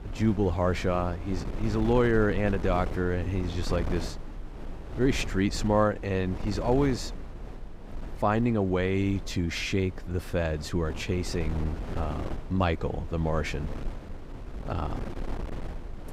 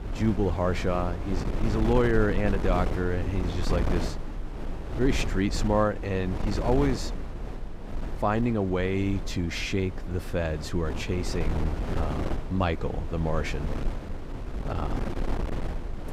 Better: first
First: wind noise on the microphone; occasional gusts; 15 dB below the speech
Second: wind noise on the microphone; heavy; 8 dB below the speech

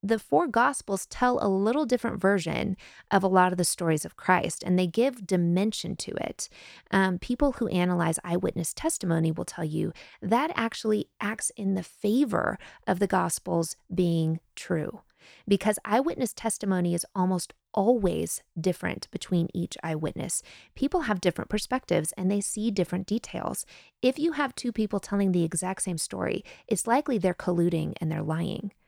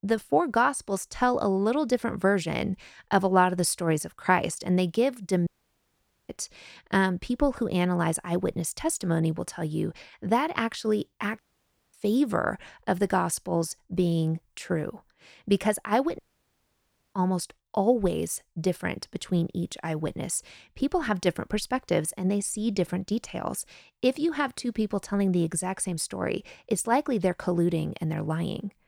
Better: first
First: none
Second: audio cutting out; at 5.5 s for 1 s, at 11 s for 0.5 s and at 16 s for 1 s

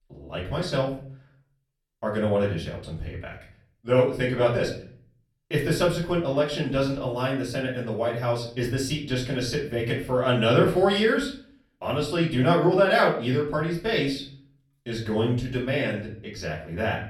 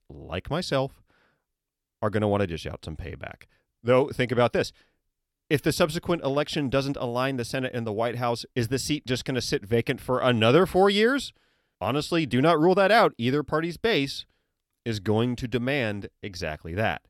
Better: second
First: room echo; slight; dies away in 0.4 s // off-mic speech; far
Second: none

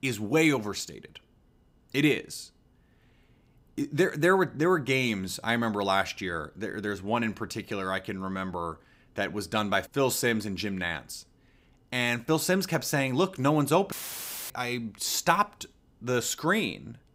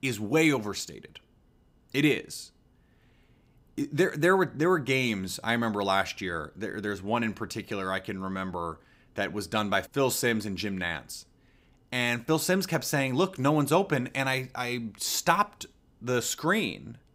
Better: second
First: audio cutting out; filled with static; at 14 s for 0.5 s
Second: none

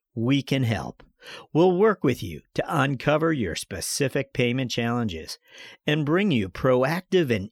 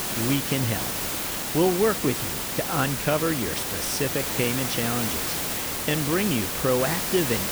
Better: first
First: none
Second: hiss; loud; throughout; as loud as the speech

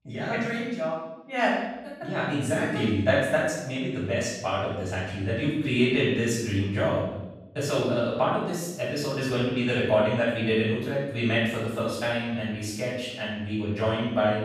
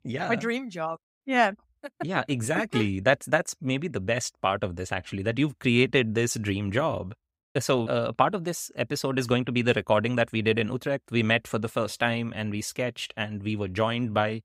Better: second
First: off-mic speech; far // room echo; strong; dies away in 0.9 s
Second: none

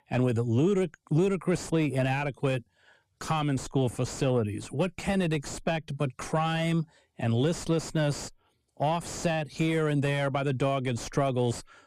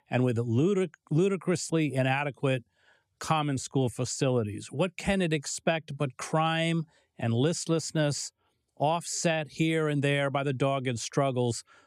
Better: second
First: distortion; slight; 7 dB below the speech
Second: none

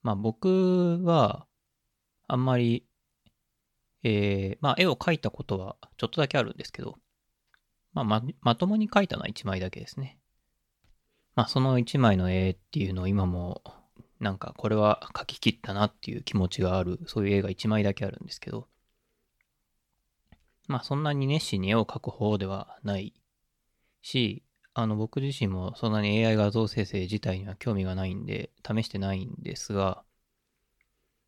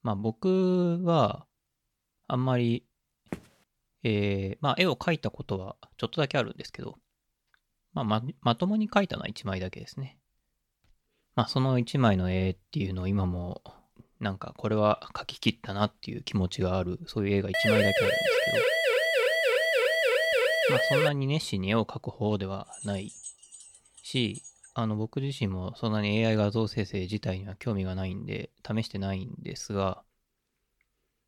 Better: first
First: none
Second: footsteps; faint; at 3.5 s; peak 15 dB below the speech // siren; loud; from 18 to 21 s; peak 6 dB above the speech // jangling keys; faint; from 23 to 25 s; peak 15 dB below the speech

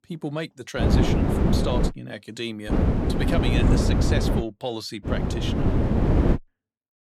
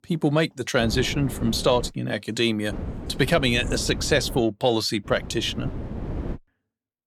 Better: second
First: wind noise on the microphone; heavy; from 1 to 2 s, from 2.5 to 4.5 s and from 5 to 6.5 s; 3 dB above the speech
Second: wind noise on the microphone; occasional gusts; from 1 to 2 s, from 2.5 to 4.5 s and from 5 to 6.5 s; 15 dB below the speech

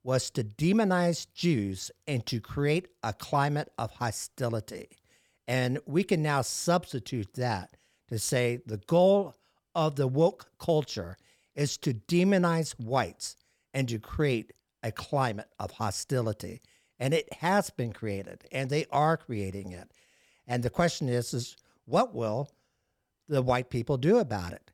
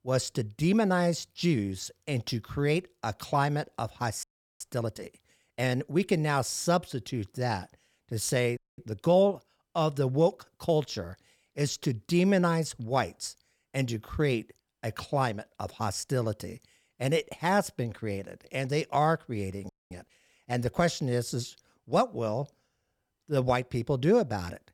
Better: first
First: none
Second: audio freezing; at 4 s, at 8.5 s and at 20 s

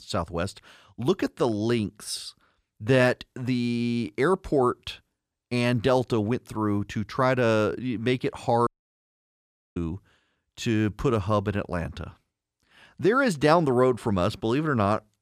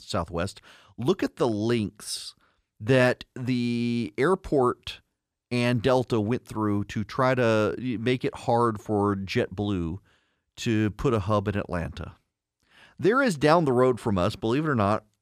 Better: second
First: audio cutting out; at 8.5 s for 1 s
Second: none

